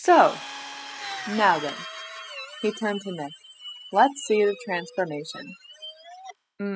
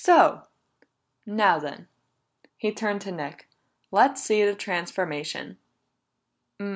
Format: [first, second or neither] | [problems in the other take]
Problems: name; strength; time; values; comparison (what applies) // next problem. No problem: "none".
second | noise reduction (classical method spectral subtraction)